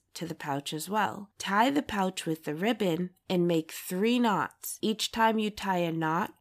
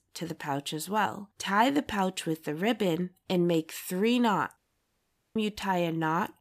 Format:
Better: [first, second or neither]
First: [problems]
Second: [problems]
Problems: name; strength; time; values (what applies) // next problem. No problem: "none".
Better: first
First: none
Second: audio cutting out; at 4.5 s for 1 s